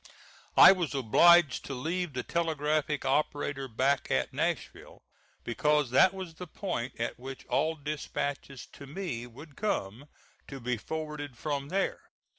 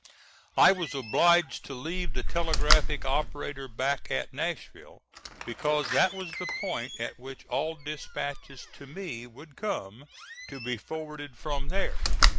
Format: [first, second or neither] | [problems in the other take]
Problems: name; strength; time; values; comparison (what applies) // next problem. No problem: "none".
first | background sound (Slam); 3 dB above the speech